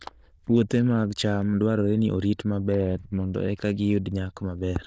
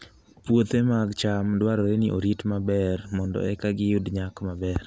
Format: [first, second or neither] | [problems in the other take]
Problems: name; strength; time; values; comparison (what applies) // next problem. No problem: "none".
second | noise reduction (neural diffusion model UNIVERSE++)